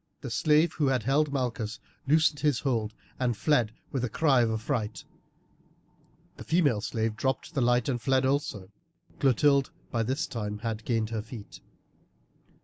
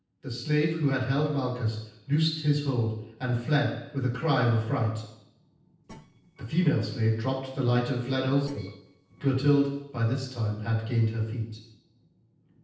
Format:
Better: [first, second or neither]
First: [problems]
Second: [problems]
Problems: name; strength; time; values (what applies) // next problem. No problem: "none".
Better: first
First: none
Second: noise reduction (neural separator model SepFormer DNS4)